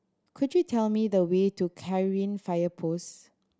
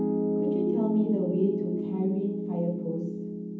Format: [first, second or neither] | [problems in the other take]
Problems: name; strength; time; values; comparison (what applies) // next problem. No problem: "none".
first | background sound (Piano); 1 dB above the speech // room echo; dies away in 0.8 s